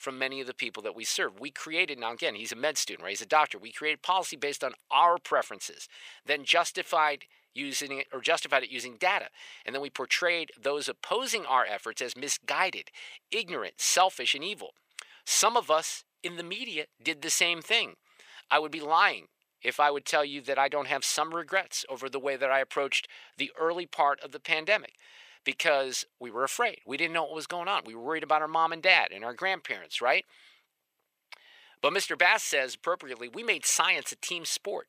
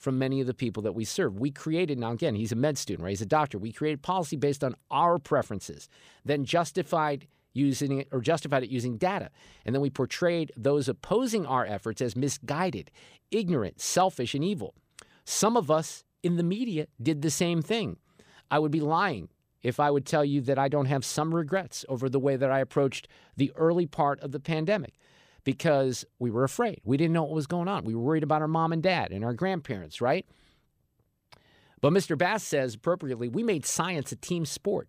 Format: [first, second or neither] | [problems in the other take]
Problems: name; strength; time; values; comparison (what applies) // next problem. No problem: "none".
second | thin; very; fading below 750 Hz